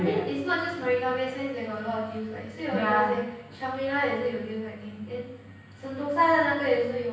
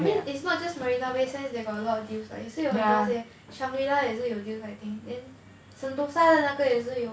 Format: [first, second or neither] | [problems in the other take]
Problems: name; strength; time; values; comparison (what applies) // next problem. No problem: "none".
second | room echo; dies away in 0.9 s